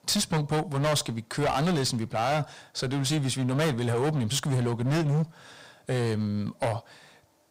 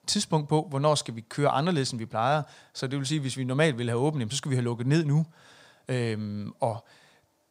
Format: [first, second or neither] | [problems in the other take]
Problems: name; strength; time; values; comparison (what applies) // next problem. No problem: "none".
second | distortion; heavy; 18% of the sound clipped